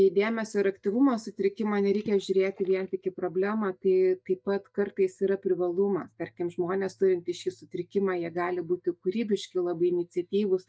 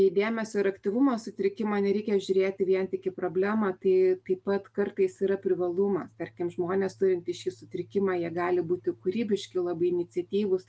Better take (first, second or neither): second